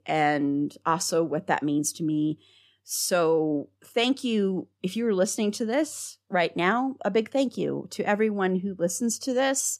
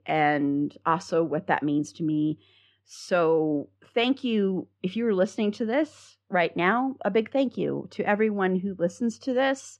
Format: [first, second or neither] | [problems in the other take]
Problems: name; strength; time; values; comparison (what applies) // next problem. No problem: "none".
first | muffled; slightly; fading above 2.5 kHz